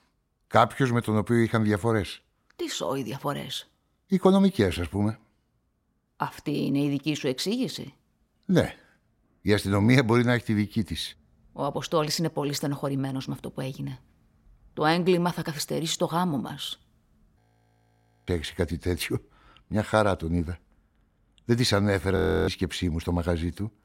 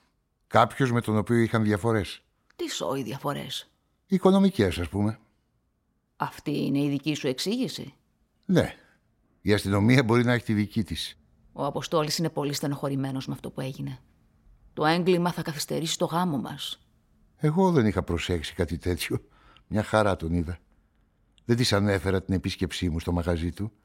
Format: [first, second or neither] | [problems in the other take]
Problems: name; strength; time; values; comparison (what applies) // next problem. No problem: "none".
second | audio freezing; at 17 s for 1 s and at 22 s